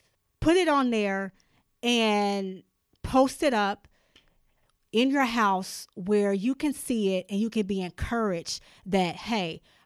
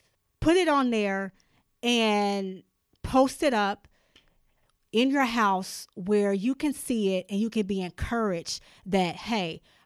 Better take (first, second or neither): neither